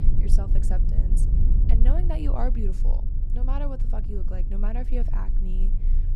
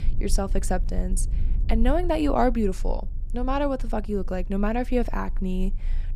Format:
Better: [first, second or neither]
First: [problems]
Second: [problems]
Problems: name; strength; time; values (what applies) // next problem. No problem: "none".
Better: second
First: low rumble; loud; throughout; 6 dB below the speech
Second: low rumble; faint; throughout; 25 dB below the speech